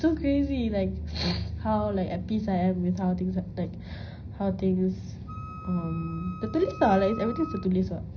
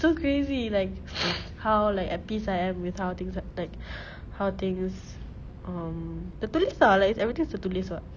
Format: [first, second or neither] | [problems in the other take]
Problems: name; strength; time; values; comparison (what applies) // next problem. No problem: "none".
second | background sound (Wind instrument, woodwind instrument); 16 dB below the speech // room echo; dies away in 0.5 s